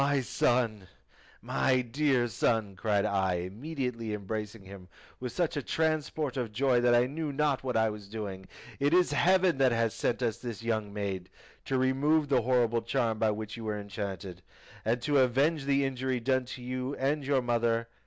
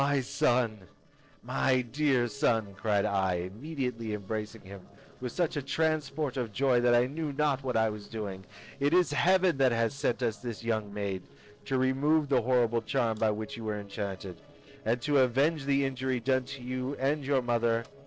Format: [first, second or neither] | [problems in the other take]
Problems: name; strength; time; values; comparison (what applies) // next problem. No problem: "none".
first | noise reduction (neural separator model SepFormer DNS4)